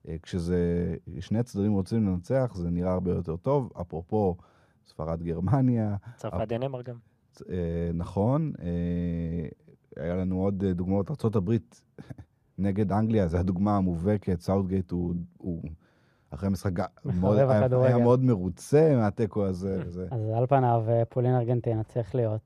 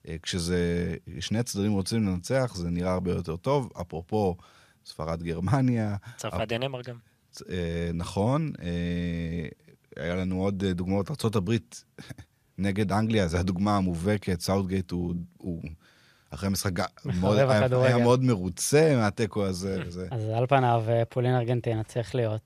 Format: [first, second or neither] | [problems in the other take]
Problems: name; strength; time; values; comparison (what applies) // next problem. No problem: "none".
second | muffled; slightly; fading above 1.5 kHz